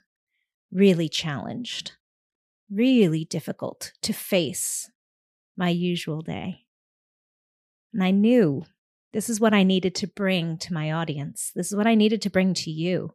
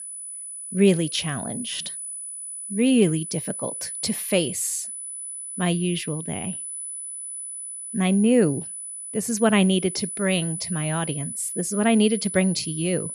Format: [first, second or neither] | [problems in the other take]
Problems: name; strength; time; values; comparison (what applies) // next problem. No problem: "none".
first | high-pitched whine; loud; throughout; 10 kHz, 7 dB below the speech